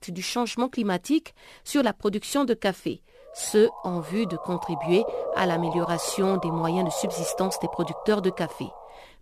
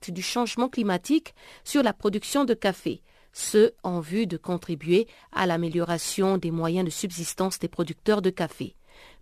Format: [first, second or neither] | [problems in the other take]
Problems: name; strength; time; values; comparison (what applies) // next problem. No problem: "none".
second | siren; noticeable; from 3.5 s on; peak 3 dB below the speech